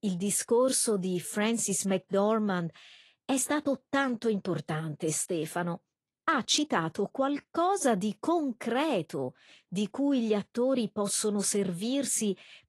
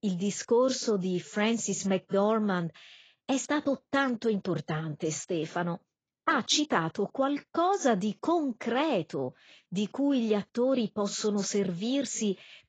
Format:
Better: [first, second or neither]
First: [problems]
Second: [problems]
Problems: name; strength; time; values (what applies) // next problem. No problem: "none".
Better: first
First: garbled, watery; slightly; nothing above 11.5 kHz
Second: garbled, watery; badly; nothing above 7.5 kHz